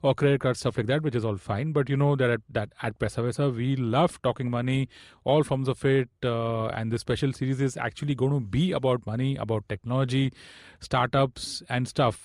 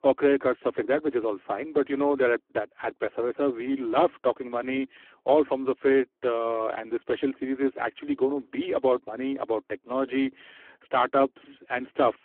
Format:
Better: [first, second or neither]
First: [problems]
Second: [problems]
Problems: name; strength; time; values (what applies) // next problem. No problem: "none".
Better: first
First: none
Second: phone-call audio; poor line